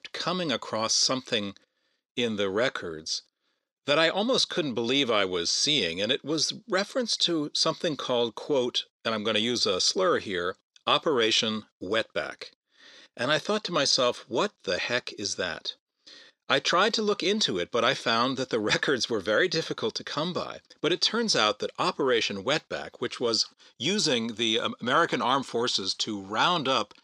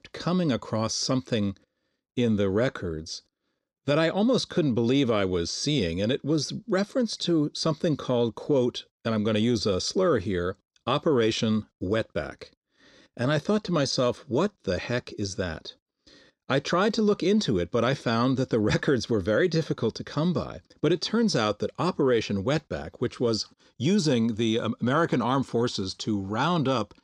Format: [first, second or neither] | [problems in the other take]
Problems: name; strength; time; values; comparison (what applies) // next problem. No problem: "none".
second | thin; somewhat; fading below 850 Hz